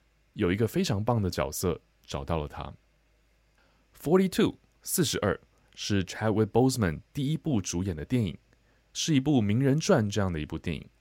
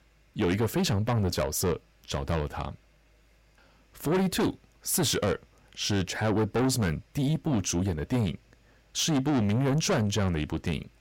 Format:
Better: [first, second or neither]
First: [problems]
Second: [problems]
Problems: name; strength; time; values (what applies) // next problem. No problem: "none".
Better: first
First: none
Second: distortion; heavy; 7 dB below the speech